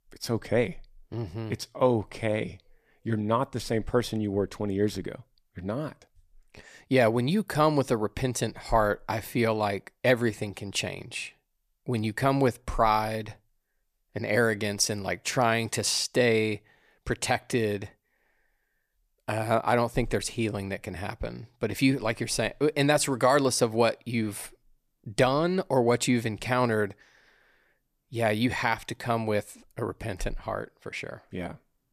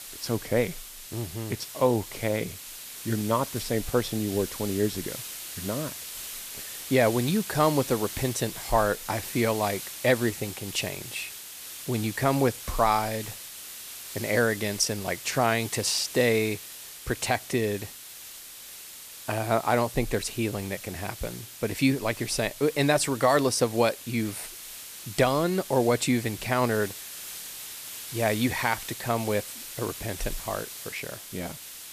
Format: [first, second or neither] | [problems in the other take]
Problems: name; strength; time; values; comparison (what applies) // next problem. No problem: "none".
first | hiss; noticeable; throughout; 10 dB below the speech